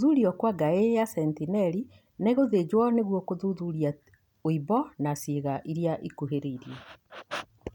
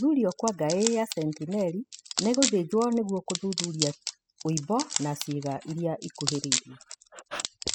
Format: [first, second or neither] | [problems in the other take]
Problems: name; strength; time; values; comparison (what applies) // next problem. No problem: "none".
first | noise reduction (classical method spectral subtraction)